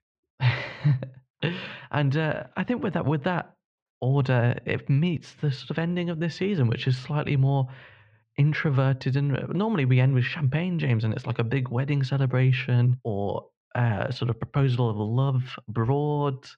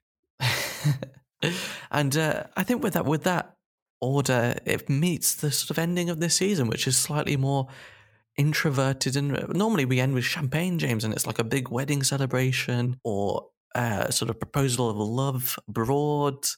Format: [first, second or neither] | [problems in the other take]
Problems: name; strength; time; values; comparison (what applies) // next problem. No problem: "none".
second | muffled; very; fading above 3.5 kHz